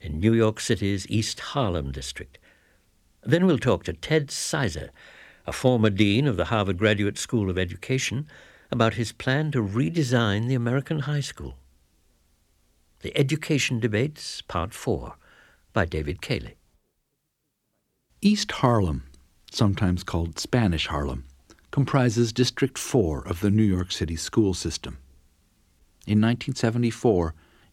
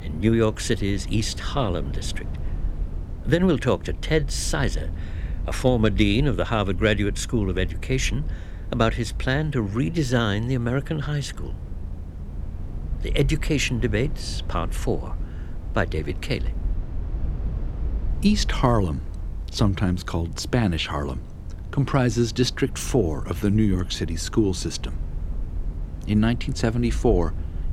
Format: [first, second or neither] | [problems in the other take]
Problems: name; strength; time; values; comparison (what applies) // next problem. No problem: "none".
first | low rumble; faint; throughout; 20 dB below the speech